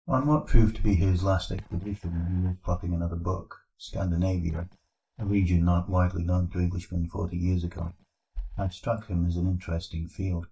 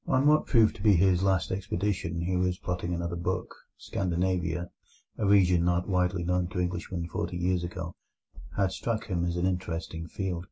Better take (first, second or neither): second